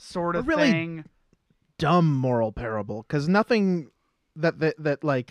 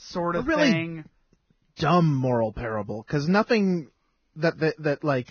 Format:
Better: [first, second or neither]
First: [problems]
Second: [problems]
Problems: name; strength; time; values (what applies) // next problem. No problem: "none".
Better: first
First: none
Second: garbled, watery; badly; nothing above 6 kHz